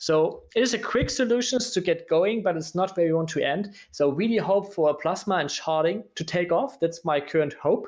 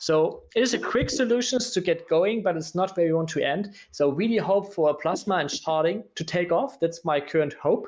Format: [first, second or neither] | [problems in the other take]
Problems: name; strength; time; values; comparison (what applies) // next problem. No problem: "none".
first | noise reduction (neural mask model Resemble Enhance denoiser)